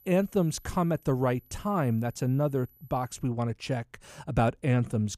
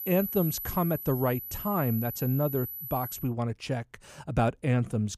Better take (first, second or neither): first